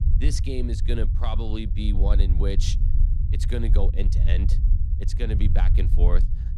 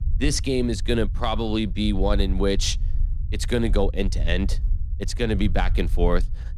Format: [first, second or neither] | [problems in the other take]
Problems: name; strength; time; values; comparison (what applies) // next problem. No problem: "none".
second | low rumble; loud; throughout; 7 dB below the speech; faint in the second